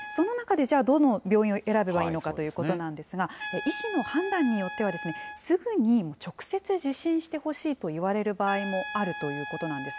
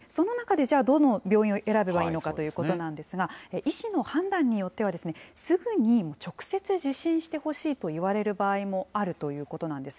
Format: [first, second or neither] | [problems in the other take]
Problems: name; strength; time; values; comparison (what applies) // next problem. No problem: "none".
second | background sound (Trumpet); 14 dB below the speech